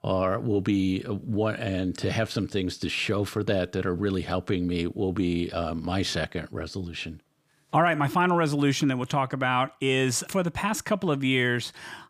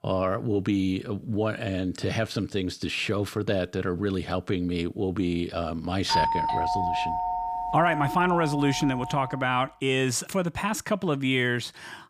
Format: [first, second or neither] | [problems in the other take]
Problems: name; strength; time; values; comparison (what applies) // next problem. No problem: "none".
first | doorbell; loud; from 6 to 9.5 s; peak 3 dB above the speech